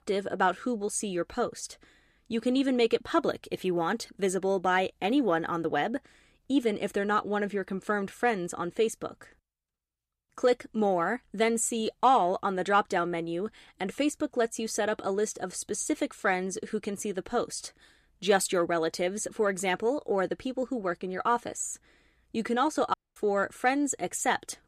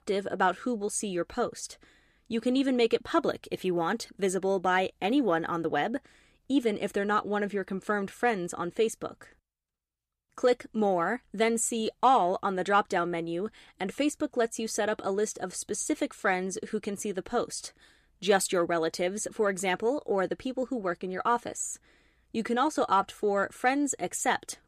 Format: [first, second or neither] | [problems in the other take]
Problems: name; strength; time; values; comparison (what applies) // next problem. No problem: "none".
second | audio cutting out; at 23 s